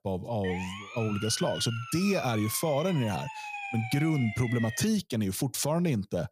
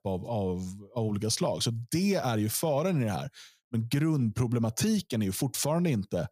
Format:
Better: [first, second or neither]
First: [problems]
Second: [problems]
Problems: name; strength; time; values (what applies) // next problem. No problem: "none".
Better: second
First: siren; noticeable; until 5 s; peak 7 dB below the speech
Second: none